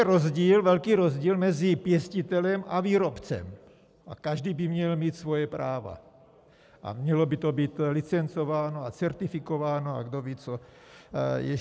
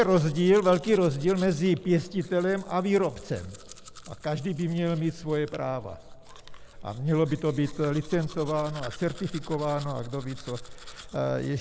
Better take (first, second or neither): first